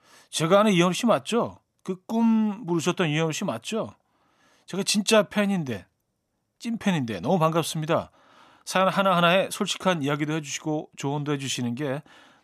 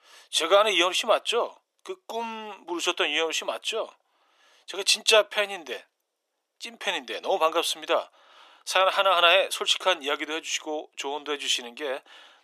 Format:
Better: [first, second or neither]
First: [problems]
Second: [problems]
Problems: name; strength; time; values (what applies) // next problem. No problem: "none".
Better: first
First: none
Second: thin; very; fading below 400 Hz